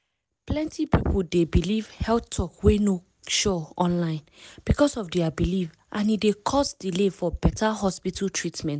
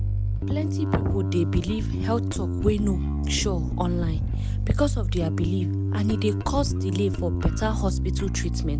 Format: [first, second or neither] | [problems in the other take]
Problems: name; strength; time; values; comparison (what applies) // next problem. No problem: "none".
first | background sound (Bass guitar); 2 dB above the speech